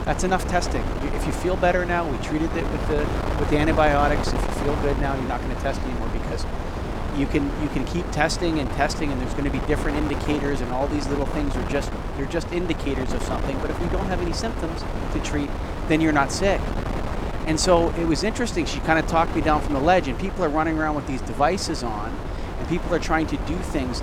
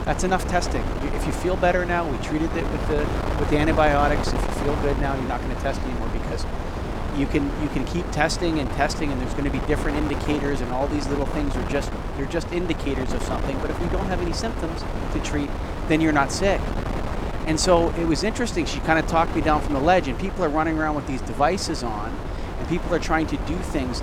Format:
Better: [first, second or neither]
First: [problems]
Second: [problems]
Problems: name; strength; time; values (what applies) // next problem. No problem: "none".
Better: neither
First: wind noise on the microphone; heavy; 7 dB below the speech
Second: wind noise on the microphone; heavy; 7 dB below the speech